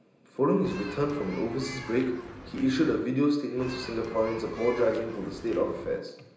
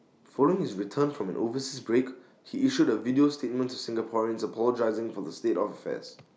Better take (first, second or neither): second